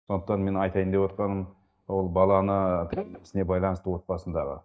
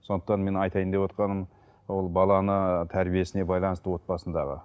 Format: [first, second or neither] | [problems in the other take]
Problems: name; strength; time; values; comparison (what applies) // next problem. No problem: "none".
second | noise reduction (neural mask model DeepFilterNet 3)